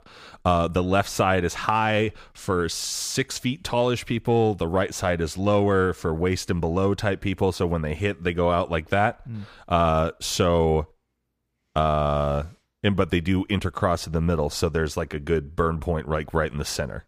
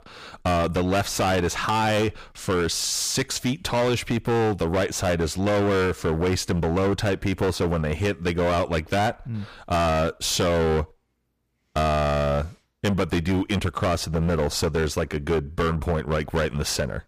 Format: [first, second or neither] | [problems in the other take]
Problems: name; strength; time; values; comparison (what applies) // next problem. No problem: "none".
first | distortion; heavy; 18% of the sound clipped